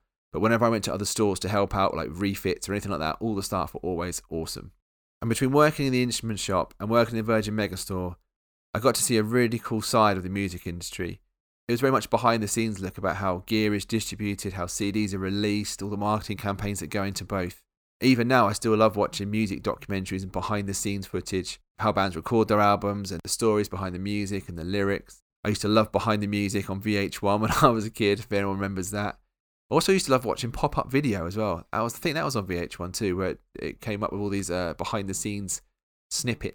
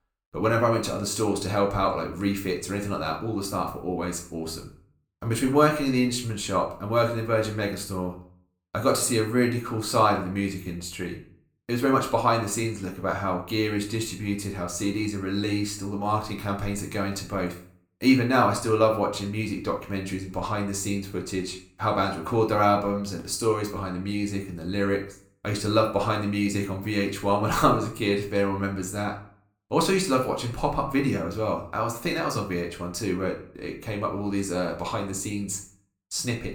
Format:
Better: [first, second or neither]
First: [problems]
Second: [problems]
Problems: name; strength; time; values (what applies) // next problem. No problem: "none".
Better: first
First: none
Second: room echo; slight; dies away in 0.4 s // off-mic speech; somewhat distant